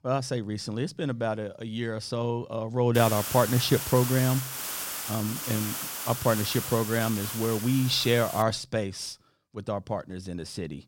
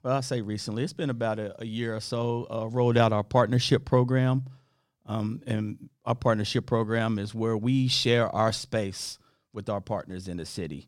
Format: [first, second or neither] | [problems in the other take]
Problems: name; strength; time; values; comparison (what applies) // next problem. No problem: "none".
second | hiss; loud; from 3 to 8.5 s; 5 dB below the speech